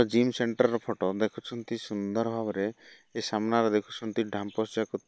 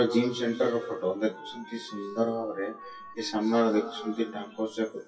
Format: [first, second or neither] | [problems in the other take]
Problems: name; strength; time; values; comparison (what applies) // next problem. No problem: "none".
first | noise reduction (classical method WPE with log-MMSE)